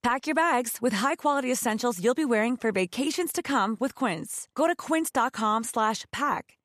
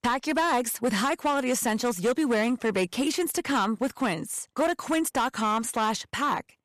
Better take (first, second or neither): first